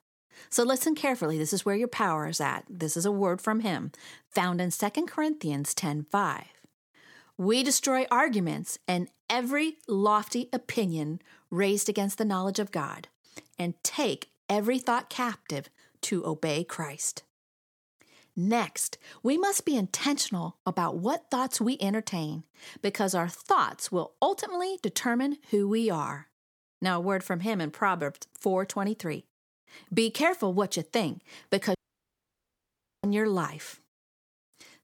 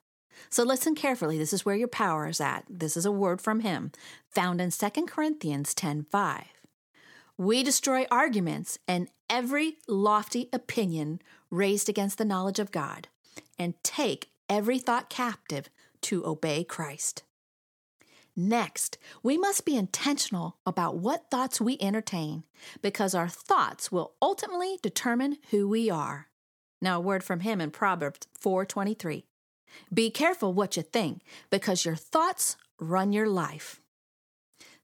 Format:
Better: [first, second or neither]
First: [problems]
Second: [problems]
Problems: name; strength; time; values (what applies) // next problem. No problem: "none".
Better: second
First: audio cutting out; at 32 s for 1.5 s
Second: none